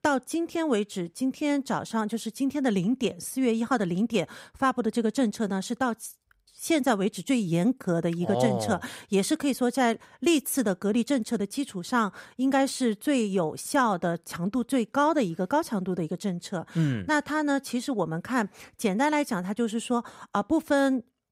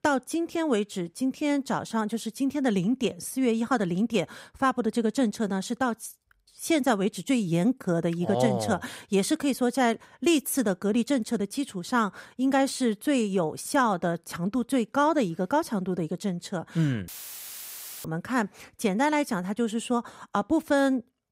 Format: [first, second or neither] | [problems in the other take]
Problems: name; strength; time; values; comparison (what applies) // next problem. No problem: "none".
first | audio cutting out; filled with static; at 17 s for 1 s